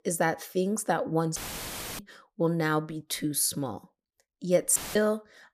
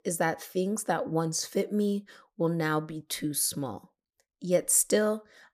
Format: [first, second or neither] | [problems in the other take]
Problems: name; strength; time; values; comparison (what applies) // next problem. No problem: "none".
second | audio cutting out; filled with static; at 1.5 s for 0.5 s and at 5 s